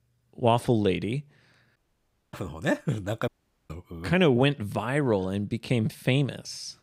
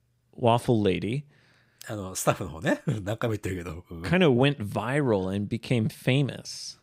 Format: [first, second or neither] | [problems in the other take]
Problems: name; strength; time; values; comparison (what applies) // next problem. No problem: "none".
second | audio cutting out; at 2 s for 0.5 s and at 3.5 s